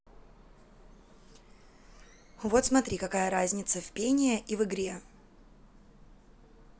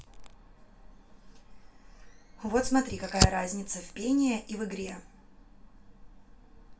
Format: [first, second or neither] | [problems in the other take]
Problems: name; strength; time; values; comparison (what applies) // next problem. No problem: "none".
first | background sound (Fire); 4 dB below the speech // room echo; dies away in 0.2 s